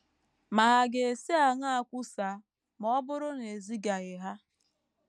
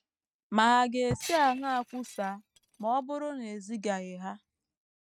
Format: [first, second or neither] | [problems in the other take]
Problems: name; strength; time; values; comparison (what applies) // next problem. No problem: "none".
first | noise reduction (neural mask model RNNoise)